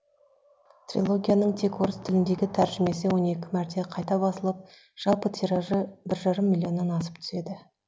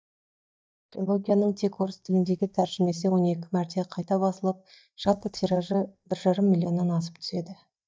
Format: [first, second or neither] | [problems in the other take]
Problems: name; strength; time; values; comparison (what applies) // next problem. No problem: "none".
first | noise reduction (neural mask model DeepFilterNet 3)